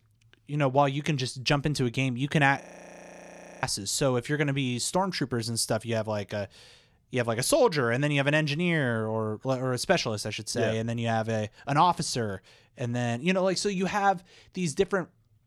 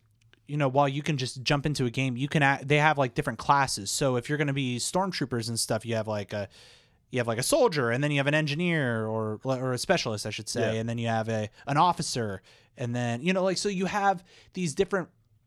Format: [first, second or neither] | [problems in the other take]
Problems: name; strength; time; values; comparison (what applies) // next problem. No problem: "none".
second | audio freezing; at 2.5 s for 1 s